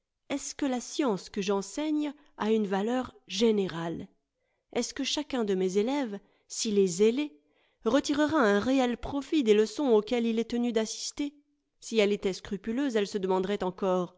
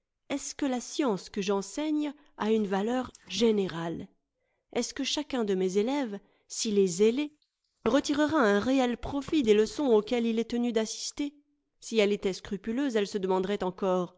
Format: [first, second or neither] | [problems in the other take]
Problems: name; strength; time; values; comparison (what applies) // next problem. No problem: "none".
first | noise reduction (neural mask model Resemble Enhance denoiser)